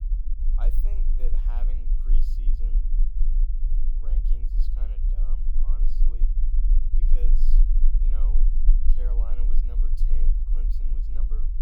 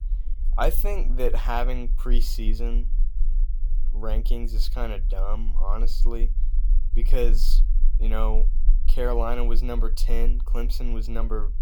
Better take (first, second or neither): second